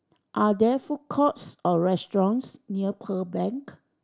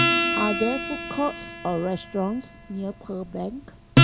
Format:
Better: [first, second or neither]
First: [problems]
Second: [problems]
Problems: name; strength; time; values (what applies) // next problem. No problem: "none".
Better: first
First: none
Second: background sound (Acoustic guitar); 4 dB above the speech